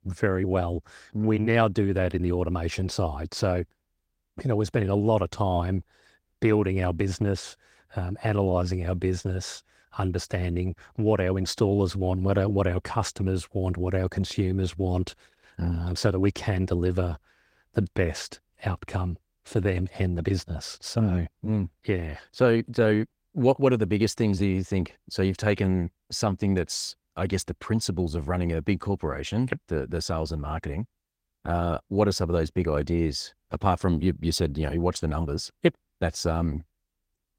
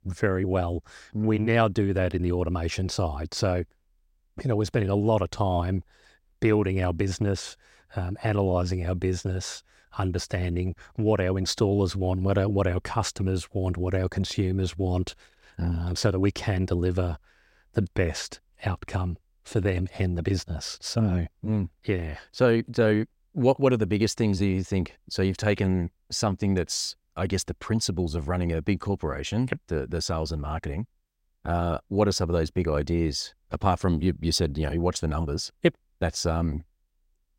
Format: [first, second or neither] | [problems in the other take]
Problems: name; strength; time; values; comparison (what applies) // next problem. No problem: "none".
second | garbled, watery; slightly; nothing above 16 kHz